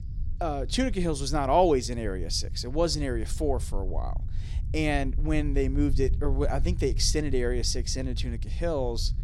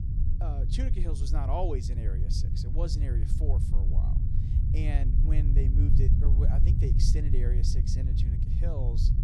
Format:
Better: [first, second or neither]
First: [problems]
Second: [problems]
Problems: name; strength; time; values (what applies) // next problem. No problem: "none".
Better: first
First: low rumble; faint; throughout; 20 dB below the speech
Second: low rumble; loud; throughout; 2 dB below the speech